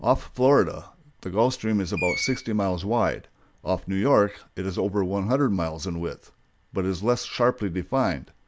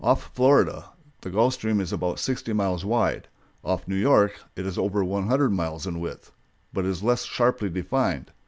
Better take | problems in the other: second | background sound (Screech); 14 dB below the speech

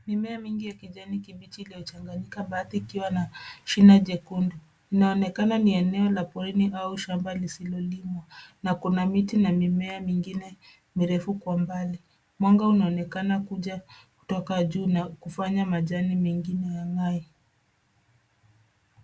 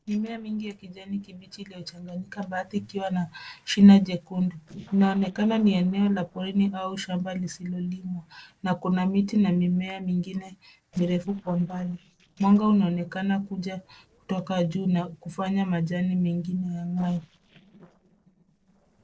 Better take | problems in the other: first | noise reduction (neural separator model SepFormer DNS4)

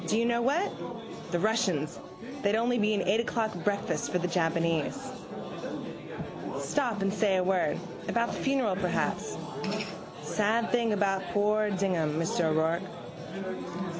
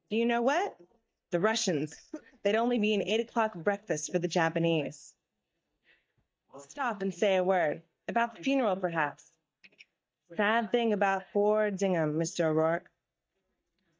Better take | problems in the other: first | noise reduction (neural mask model DeepFilterNet 3)

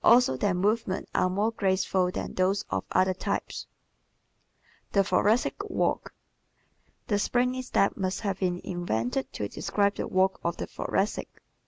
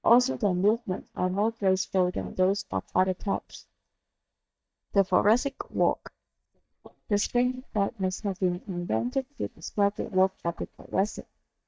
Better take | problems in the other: first | noise reduction (neural mask model DeepFilterNet 3)

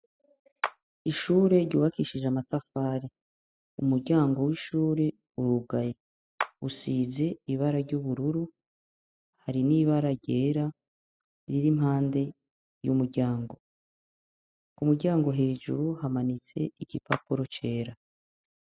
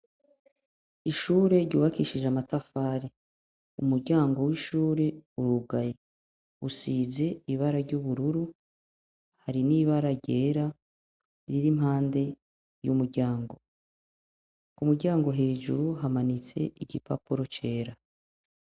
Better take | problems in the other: second | noise reduction (classical method spectral subtraction)

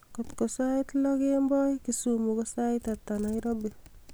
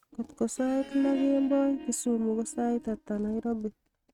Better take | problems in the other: first | noise reduction (neural mask model RNNoise)

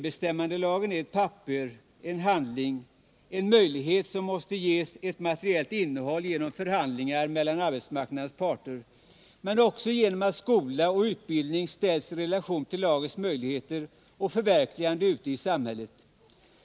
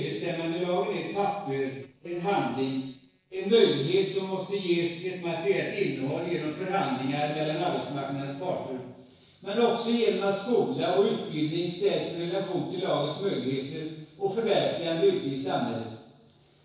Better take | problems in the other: first | noise reduction (neural separator model SepFormer DNS4)

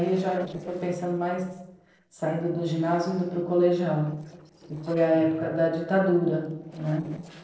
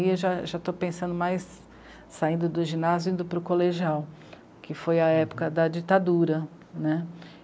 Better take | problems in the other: second | noise reduction (neural separator model SepFormer DNS4)

